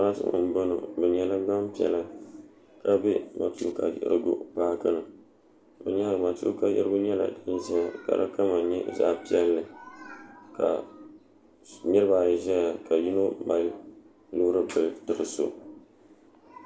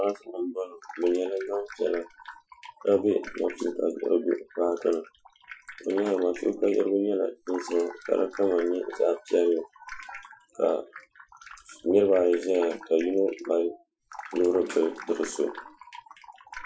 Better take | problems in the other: first | noise reduction (classical method Wiener filter)

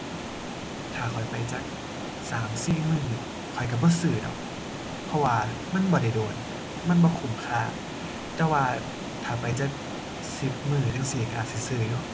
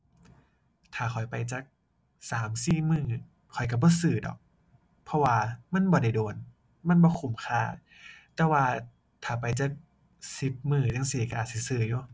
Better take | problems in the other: second | background sound (Water); 7 dB below the speech

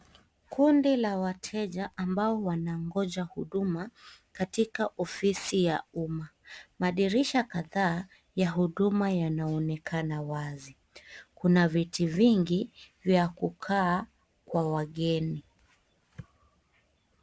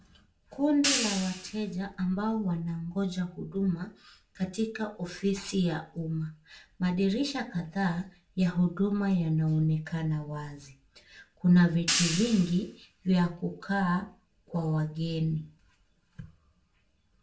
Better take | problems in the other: first | background sound (Hi-hat); 4 dB below the speech // room echo; dies away in 0.3 s

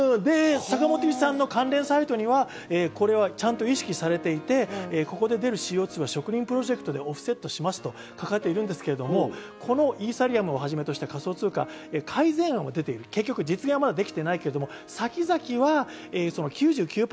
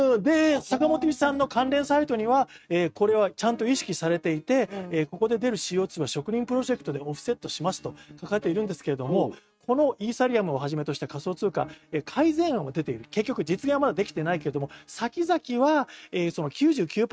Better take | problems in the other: first | noise reduction (neural mask model RNNoise)

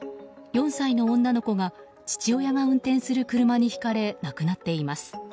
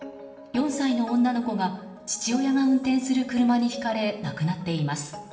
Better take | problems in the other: first | room echo; dies away in 1.9 s

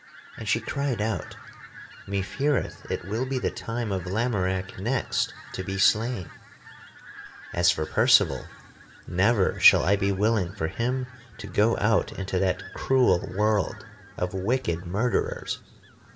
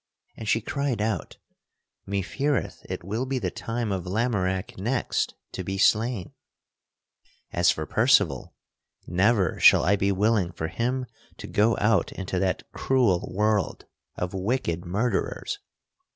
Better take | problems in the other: second | background sound (Fowl); 20 dB below the speech // room echo; dies away in 0.5 s

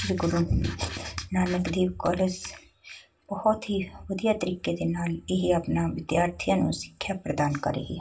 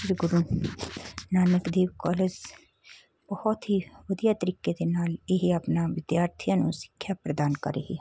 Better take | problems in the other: second | room echo; dies away in 0.2 s

